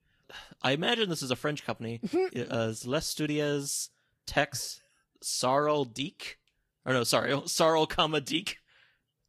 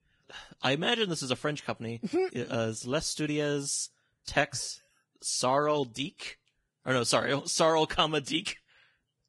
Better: first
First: garbled, watery; slightly; nothing above 12.5 kHz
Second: garbled, watery; badly; nothing above 10 kHz

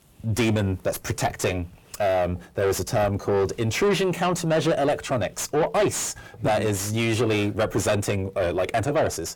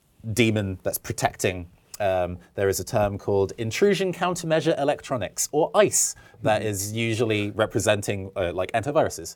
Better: second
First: distortion; heavy; 7 dB below the speech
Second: none

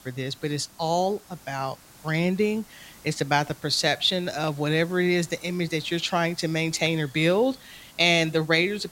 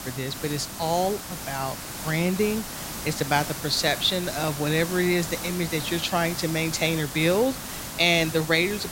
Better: first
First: hiss; faint; throughout; 25 dB below the speech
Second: hiss; loud; throughout; 8 dB below the speech

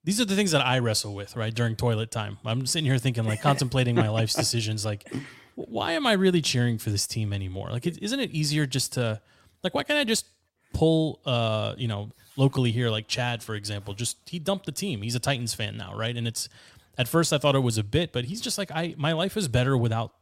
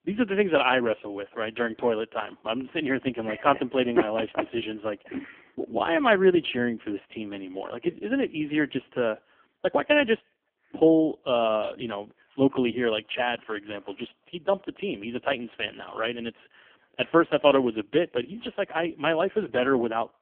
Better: first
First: none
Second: phone-call audio; poor line; nothing above 3 kHz

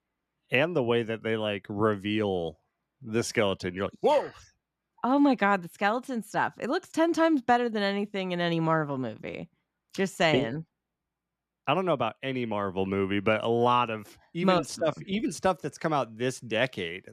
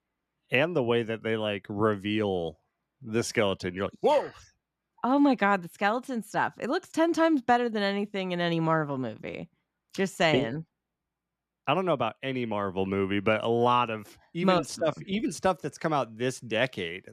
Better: neither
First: none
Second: none

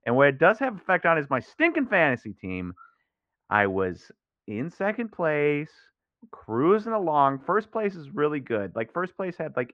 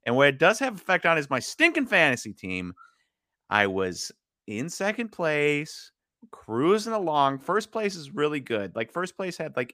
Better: second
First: muffled; very; fading above 1.5 kHz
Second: none

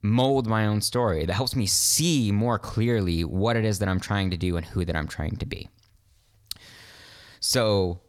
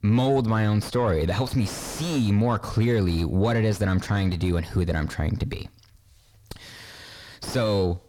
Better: first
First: none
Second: distortion; heavy; 7 dB below the speech

